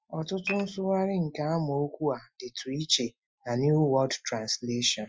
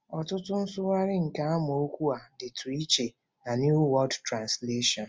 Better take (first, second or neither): second